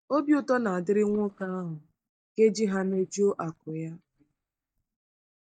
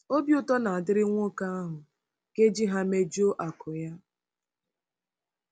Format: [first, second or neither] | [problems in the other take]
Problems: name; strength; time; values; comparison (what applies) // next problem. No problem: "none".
second | noise reduction (neural mask model DeepFilterNet 3)